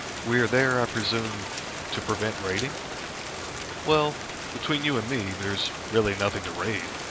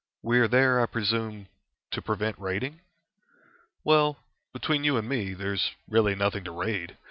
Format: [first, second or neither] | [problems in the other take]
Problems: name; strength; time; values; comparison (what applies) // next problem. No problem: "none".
second | background sound (Rain); 6 dB below the speech